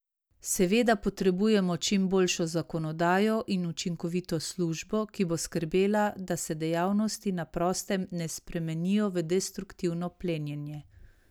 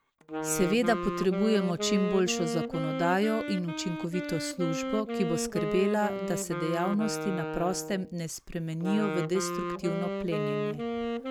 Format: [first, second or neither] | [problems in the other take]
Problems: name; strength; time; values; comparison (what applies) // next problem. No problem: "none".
first | background sound (Wind instrument, woodwind instrument); 3 dB below the speech